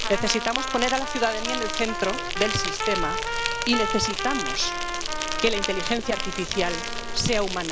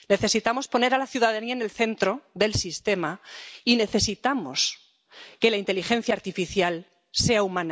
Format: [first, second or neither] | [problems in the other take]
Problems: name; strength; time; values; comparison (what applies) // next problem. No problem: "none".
second | background sound (Insect + Trumpet); as loud as the speech